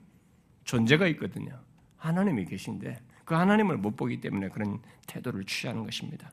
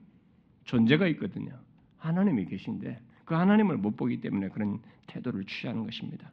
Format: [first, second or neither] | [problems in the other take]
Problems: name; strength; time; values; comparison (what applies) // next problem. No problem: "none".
first | muffled; very slightly; fading above 4 kHz